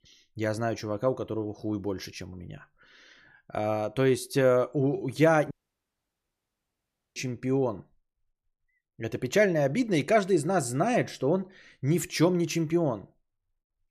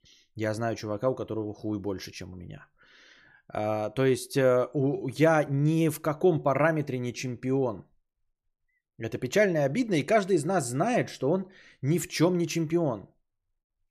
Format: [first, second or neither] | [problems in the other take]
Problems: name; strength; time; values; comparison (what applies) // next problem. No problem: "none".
second | audio cutting out; at 5.5 s for 1.5 s